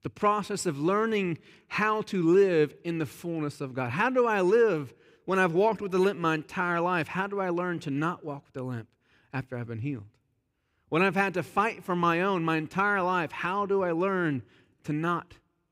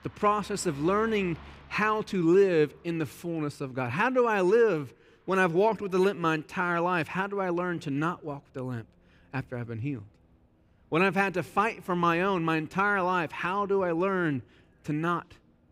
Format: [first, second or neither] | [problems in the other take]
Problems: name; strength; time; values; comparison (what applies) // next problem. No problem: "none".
first | traffic noise; faint; throughout; 30 dB below the speech